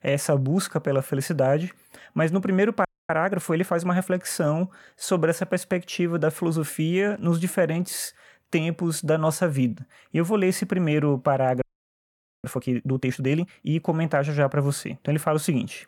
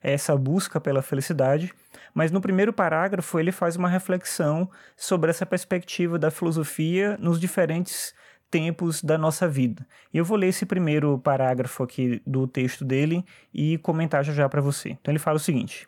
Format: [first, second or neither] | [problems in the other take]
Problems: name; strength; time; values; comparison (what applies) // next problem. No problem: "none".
second | audio freezing; at 3 s and at 12 s for 1 s